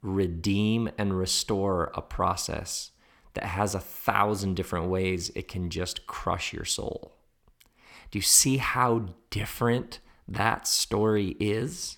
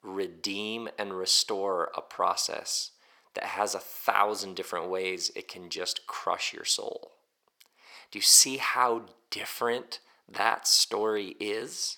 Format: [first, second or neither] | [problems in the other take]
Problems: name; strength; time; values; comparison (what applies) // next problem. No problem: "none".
first | thin; very; fading below 500 Hz